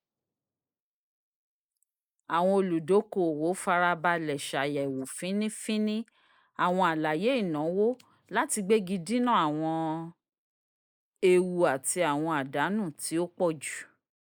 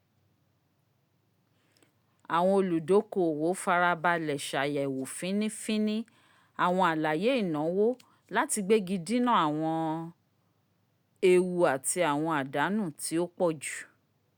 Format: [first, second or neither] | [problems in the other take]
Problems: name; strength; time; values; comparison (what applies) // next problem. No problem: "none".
second | noise reduction (neural mask model Resemble Enhance denoiser)